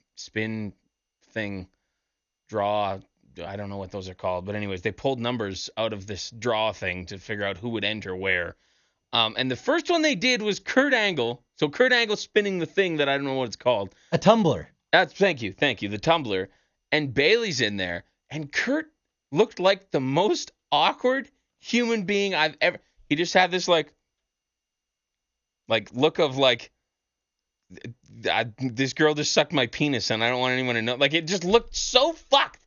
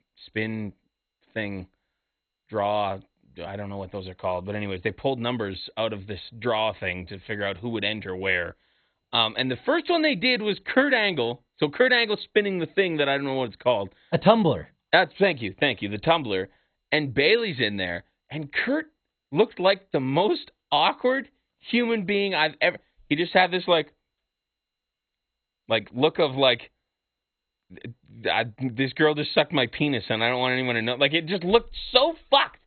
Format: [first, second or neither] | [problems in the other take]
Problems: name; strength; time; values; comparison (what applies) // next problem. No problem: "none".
first | garbled, watery; badly; nothing above 4 kHz; slightly in the first